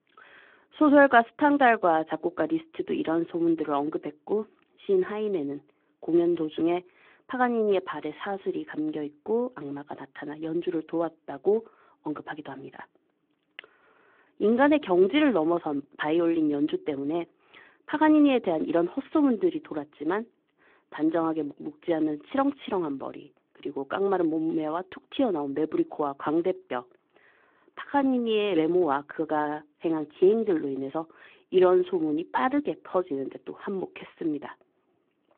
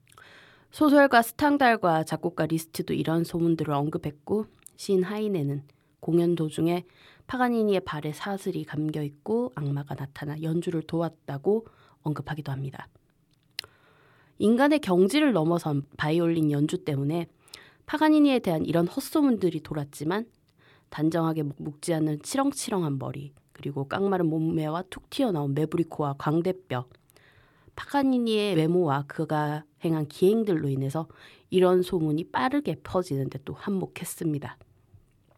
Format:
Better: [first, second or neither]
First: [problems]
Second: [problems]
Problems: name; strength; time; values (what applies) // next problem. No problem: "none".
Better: second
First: phone-call audio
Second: none